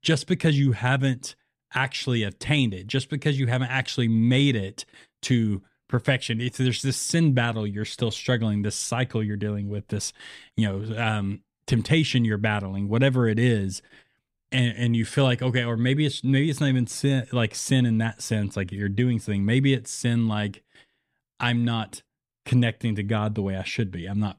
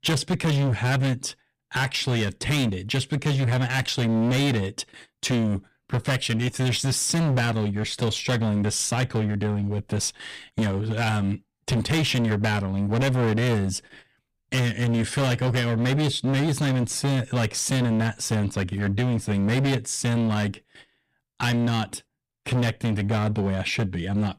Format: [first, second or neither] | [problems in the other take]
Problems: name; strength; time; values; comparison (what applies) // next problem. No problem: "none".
first | distortion; heavy; 22% of the sound clipped